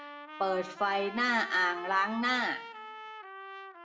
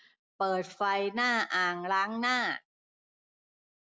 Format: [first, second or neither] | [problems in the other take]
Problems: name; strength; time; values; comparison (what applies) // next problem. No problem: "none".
second | background sound (Trumpet); 12 dB below the speech // room echo; dies away in 0.6 s